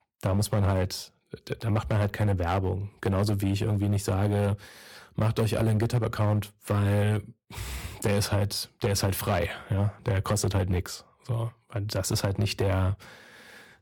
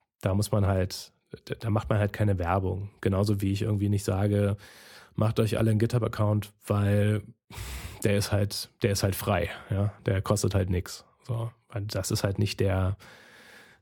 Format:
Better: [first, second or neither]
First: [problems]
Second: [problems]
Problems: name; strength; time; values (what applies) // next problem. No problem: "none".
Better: second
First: distortion; slight; 7% of the sound clipped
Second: none